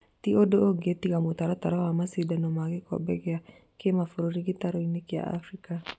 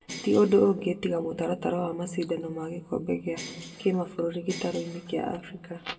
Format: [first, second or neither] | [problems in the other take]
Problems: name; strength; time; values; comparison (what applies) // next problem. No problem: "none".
first | background sound (Bell); 15 dB below the speech // room echo; dies away in 1.3 s